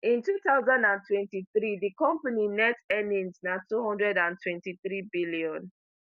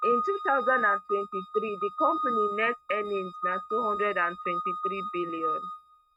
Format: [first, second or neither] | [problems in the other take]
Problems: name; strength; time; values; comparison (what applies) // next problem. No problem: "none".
first | noise reduction (neural mask model RNNoise)